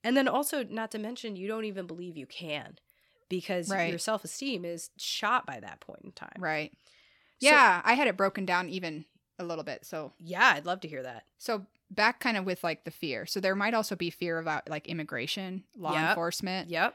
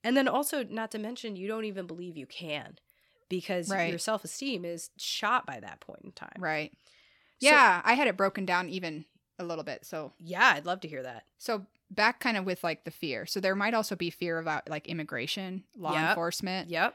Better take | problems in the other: neither | none

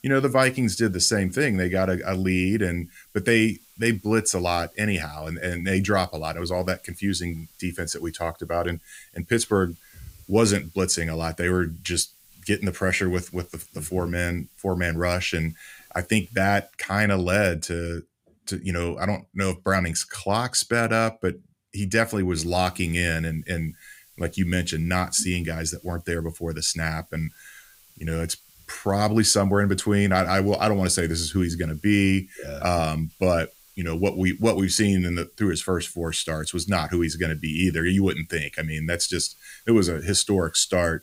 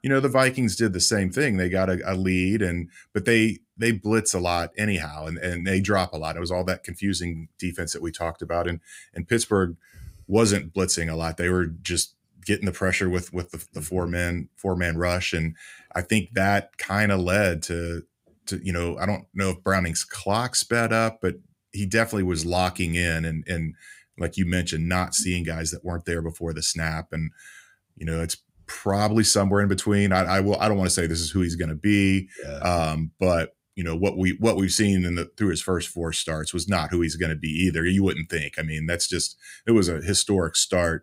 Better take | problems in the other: second | hiss; faint; until 17 s and from 22 s on; 30 dB below the speech

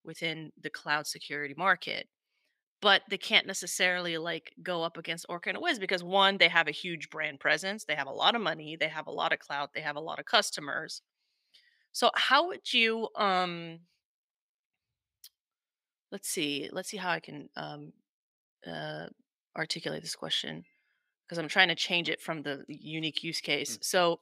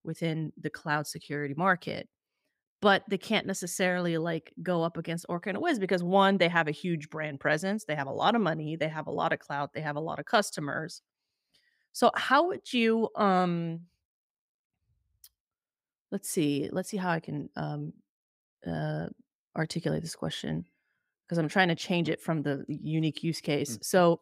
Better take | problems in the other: second | thin; somewhat; fading below 550 Hz

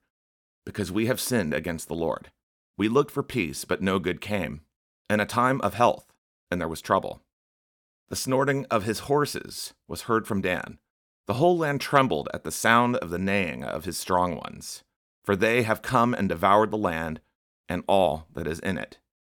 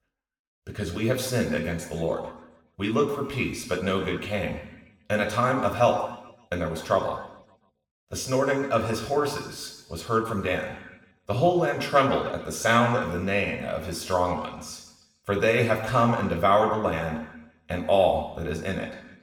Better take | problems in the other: first | room echo; noticeable; dies away in 1 s // off-mic speech; somewhat distant

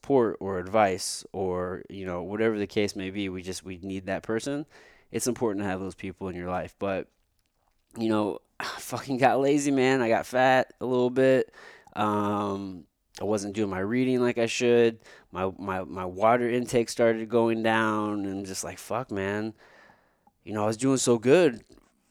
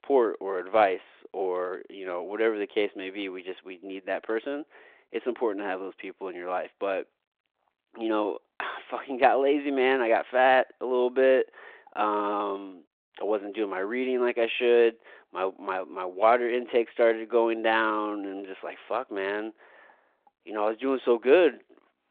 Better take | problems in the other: first | phone-call audio

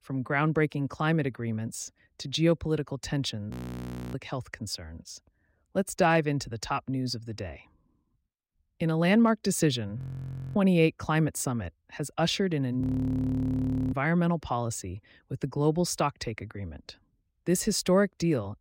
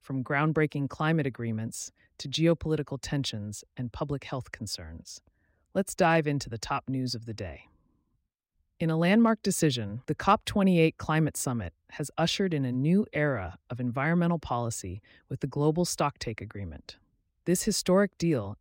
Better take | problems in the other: second | audio freezing; at 3.5 s for 0.5 s, at 10 s for 0.5 s and at 13 s for 1 s

